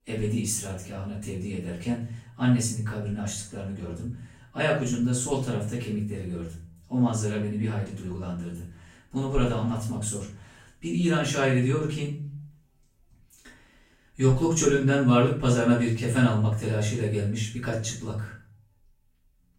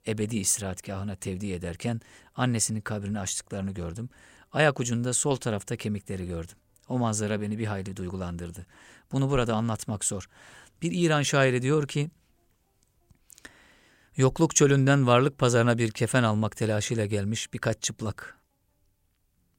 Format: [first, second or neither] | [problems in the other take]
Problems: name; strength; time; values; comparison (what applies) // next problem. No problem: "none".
second | off-mic speech; far // room echo; noticeable; dies away in 0.4 s